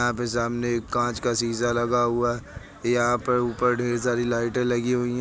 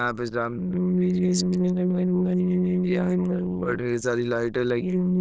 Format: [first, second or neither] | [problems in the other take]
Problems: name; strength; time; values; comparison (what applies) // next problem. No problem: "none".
first | noise reduction (neural diffusion model UNIVERSE++)